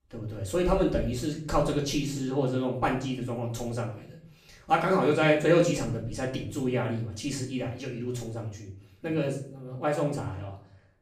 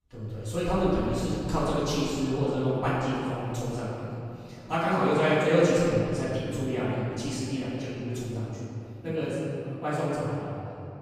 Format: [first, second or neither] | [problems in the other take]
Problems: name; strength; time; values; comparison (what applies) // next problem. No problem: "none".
first | room echo; strong; dies away in 2.6 s; slight in the first // off-mic speech; far; far in the first